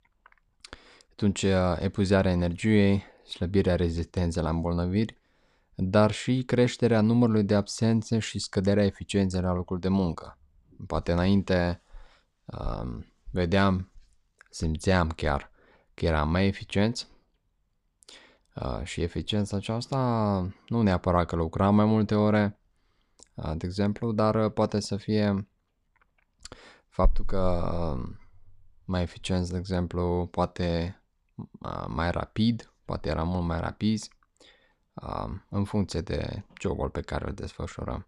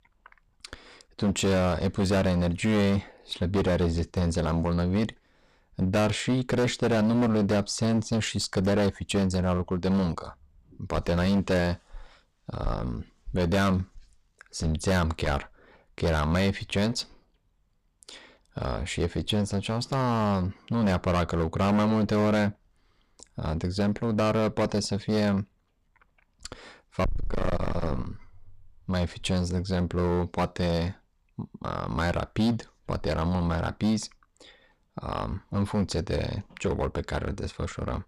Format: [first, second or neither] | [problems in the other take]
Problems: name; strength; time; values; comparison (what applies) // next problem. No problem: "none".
first | distortion; heavy; 13% of the sound clipped